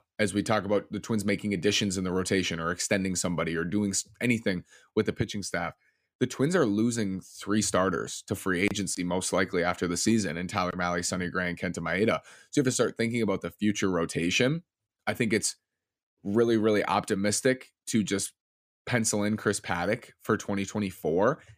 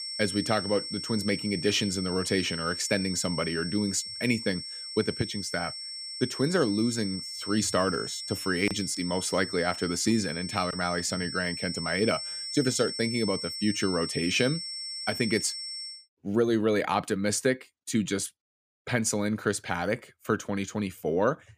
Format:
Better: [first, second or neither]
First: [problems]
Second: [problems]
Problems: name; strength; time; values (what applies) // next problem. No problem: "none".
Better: first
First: none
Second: high-pitched whine; loud; until 16 s; 5.5 kHz, 6 dB below the speech